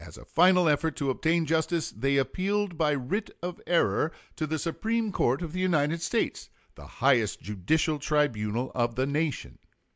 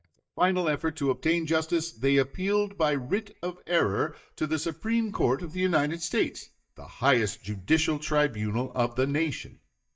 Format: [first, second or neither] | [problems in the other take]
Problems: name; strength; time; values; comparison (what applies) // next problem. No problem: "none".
first | noise reduction (neural mask model DeepFilterNet 3)